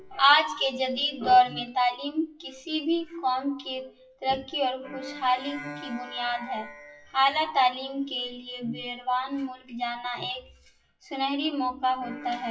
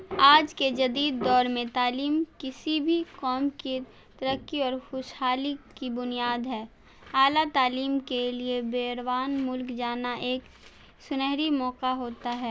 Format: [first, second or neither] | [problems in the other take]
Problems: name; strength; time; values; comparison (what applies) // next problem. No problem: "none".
second | noise reduction (classical method WPE with log-MMSE)